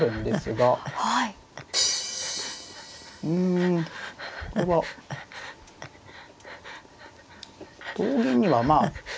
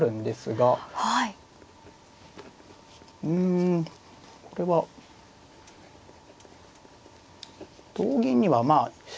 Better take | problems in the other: second | background sound (Breathing + Crash cymbal); 7 dB below the speech

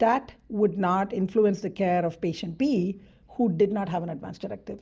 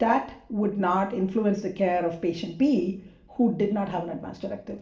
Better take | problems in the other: first | room echo; dies away in 0.5 s

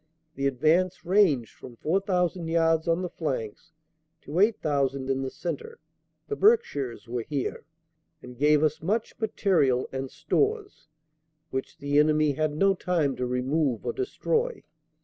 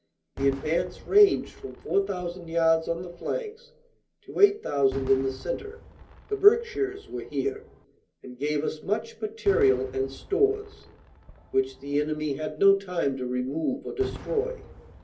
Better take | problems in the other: first | background sound (Fireworks); 18 dB below the speech // room echo; dies away in 0.3 s

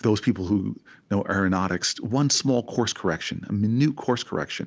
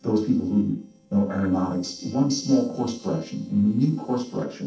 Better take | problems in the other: first | noise reduction (neural separator model SepFormer DNS4)

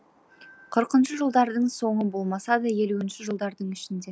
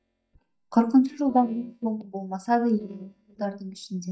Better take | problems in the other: first | noise reduction (neural mask model DeepFilterNet 3)

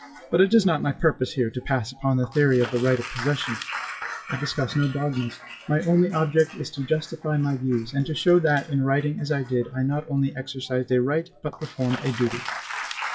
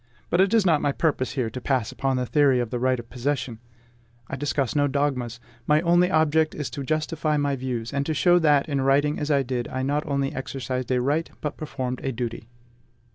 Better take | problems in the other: second | noise reduction (classical method WPE with log-MMSE)

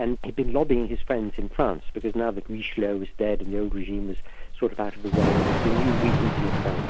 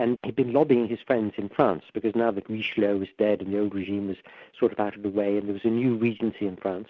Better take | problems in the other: second | background sound (Thunder / Rain); 1 dB above the speech

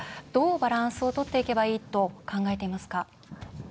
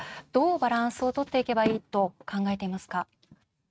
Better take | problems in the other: first | noise reduction (neural mask model RNNoise)

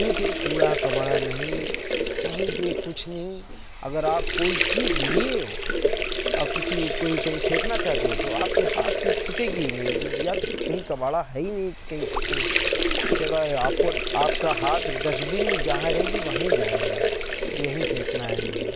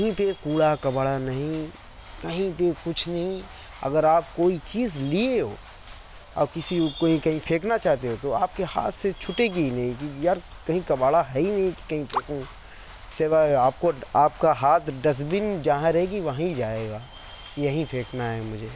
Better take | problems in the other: second | background sound (Sink (filling or washing) / Water); 3 dB above the speech

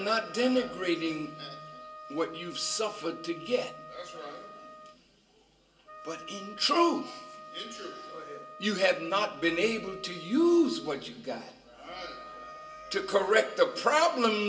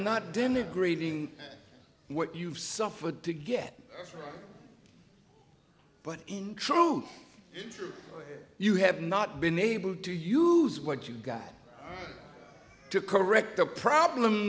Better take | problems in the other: second | background sound (Wind instrument, woodwind instrument); 16 dB below the speech // room echo; dies away in 0.2 s

